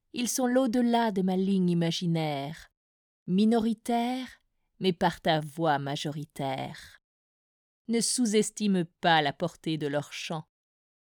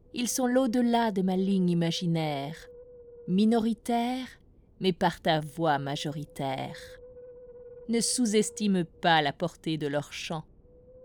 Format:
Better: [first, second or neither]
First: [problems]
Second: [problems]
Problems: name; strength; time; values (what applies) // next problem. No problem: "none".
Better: first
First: none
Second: wind noise on the microphone; occasional gusts; 20 dB below the speech